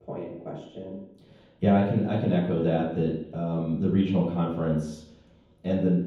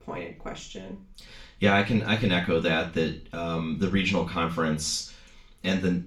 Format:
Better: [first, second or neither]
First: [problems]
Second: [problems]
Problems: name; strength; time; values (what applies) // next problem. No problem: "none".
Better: second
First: room echo; strong; dies away in 0.9 s // off-mic speech; far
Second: room echo; slight; dies away in 0.3 s // off-mic speech; far